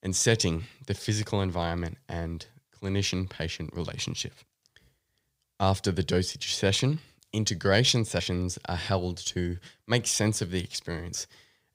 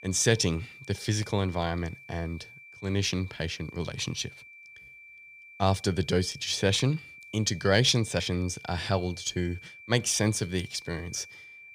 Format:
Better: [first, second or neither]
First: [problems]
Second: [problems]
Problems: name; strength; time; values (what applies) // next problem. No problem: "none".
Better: first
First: none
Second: high-pitched whine; noticeable; throughout; 2.5 kHz, 20 dB below the speech